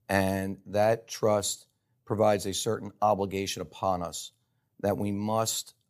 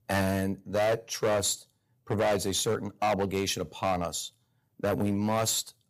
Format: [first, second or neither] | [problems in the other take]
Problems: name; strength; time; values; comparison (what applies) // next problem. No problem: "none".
first | distortion; heavy; 10% of the sound clipped